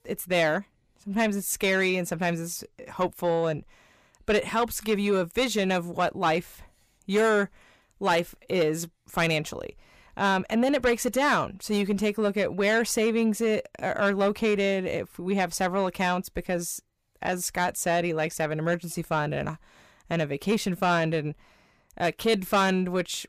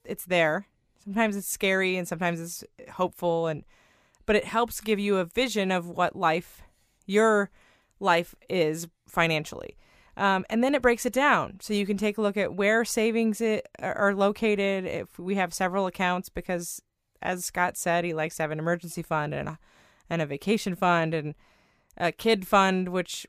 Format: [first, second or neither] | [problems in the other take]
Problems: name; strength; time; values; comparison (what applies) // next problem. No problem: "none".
second | distortion; slight; 10 dB below the speech